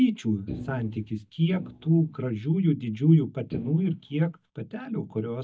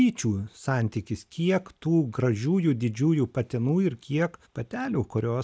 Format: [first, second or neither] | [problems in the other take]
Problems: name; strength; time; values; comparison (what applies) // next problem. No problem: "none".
second | noise reduction (neural mask model DeepFilterNet 3)